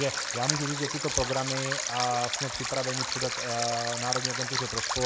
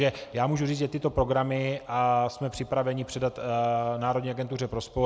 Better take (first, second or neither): second